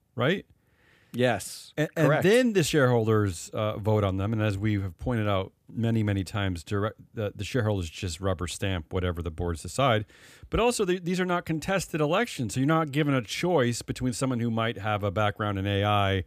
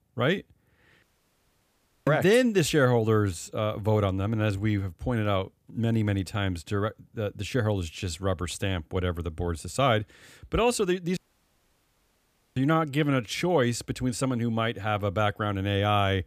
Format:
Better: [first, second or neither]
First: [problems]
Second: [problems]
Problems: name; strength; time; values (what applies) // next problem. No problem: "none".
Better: first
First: none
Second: audio cutting out; at 1 s for 1 s and at 11 s for 1.5 s